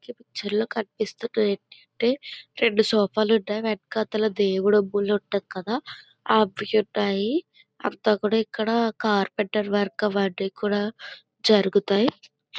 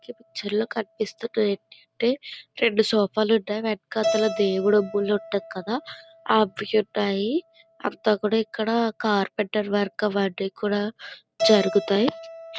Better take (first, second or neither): first